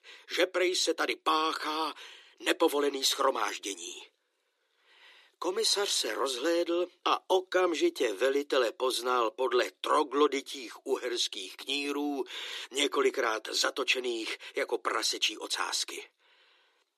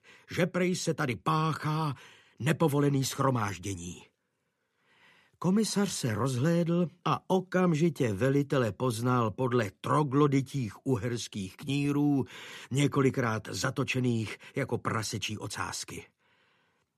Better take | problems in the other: second | thin; very; fading below 300 Hz

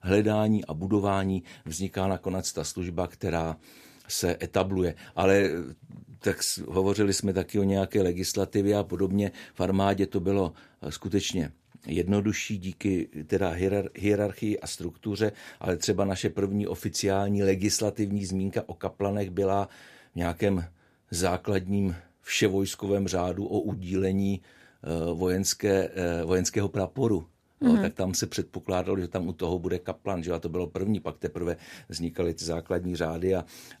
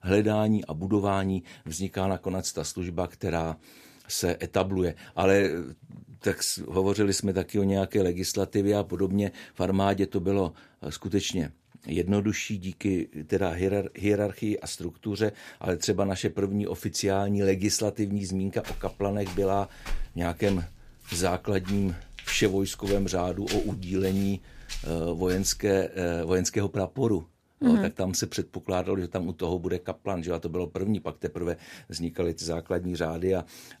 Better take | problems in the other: first | footsteps; noticeable; from 19 to 26 s; peak 8 dB below the speech

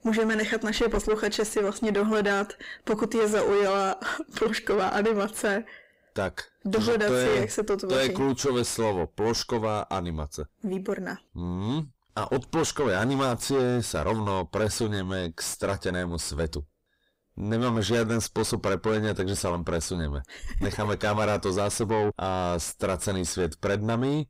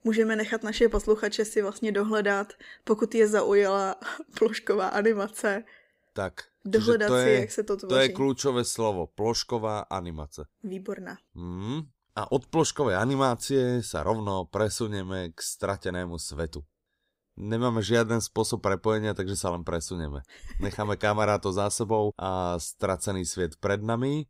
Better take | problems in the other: second | distortion; heavy; 6 dB below the speech

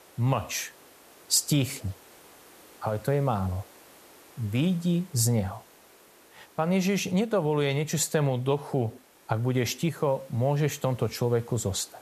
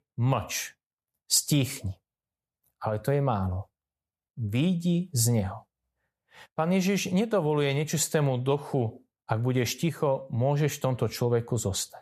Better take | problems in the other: second | hiss; faint; throughout; 25 dB below the speech

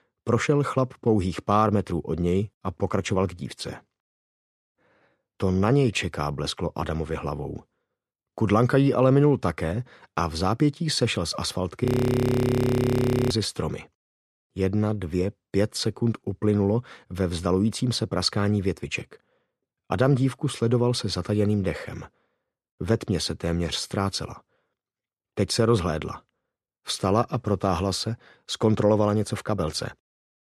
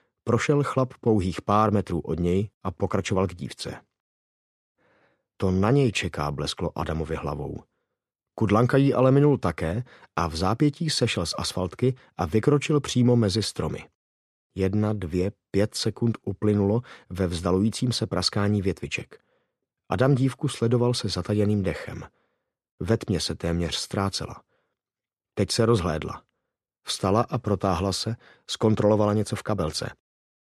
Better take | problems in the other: second | audio freezing; at 12 s for 1.5 s

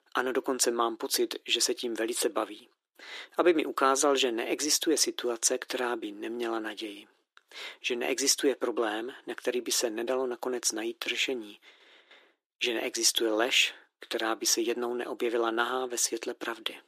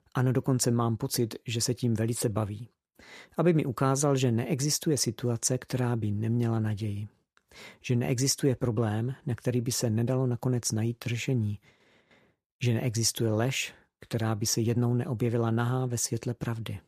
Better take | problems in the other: second | thin; very; fading below 300 Hz

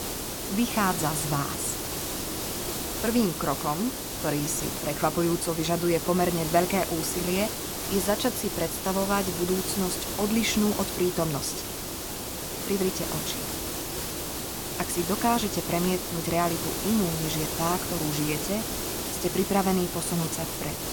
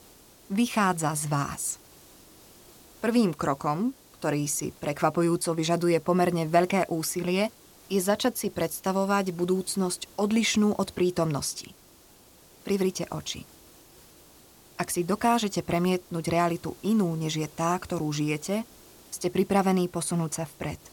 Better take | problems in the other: second | hiss; loud; throughout; 3 dB below the speech; faint in the second

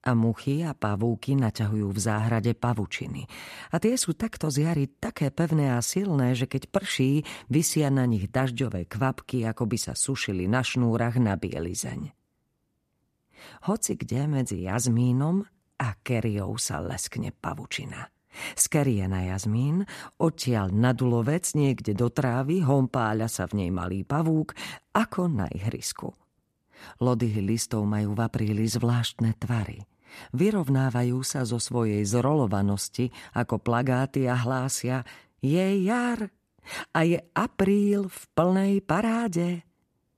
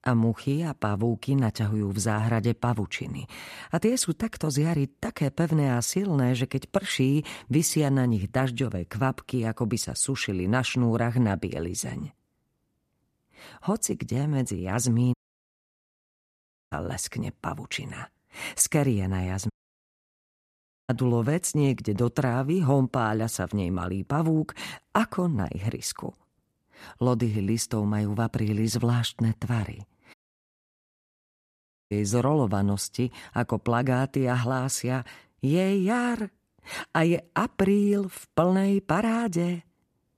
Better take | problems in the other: first | audio cutting out; at 15 s for 1.5 s, at 20 s for 1.5 s and at 30 s for 2 s

